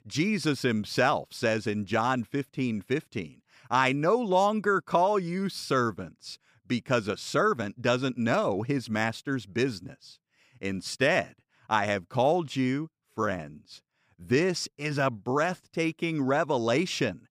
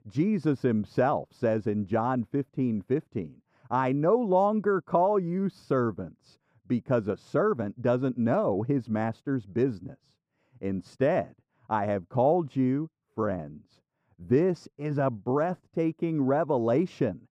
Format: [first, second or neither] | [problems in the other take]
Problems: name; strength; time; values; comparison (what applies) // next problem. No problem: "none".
first | muffled; very; fading above 1.5 kHz